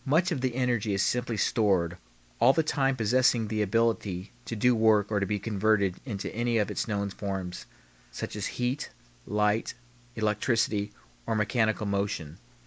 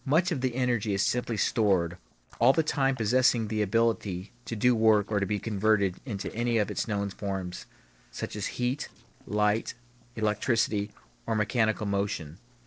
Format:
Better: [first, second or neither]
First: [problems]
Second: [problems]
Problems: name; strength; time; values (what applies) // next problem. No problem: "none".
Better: first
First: none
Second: noise reduction (neural separator model SepFormer DNS4)